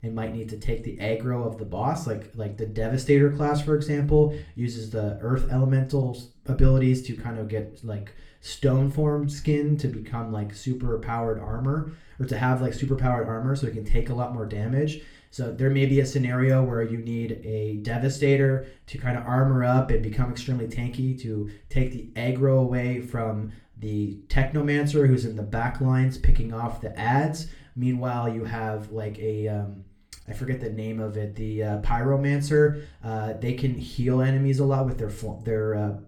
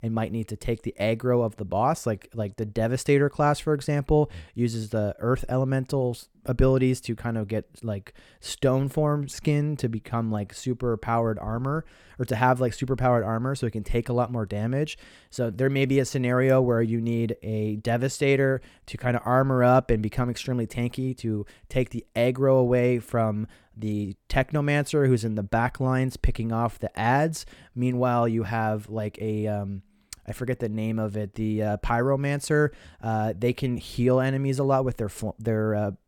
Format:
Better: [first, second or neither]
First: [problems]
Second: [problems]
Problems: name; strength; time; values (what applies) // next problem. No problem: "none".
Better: second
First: room echo; very slight; dies away in 0.3 s // off-mic speech; far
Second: none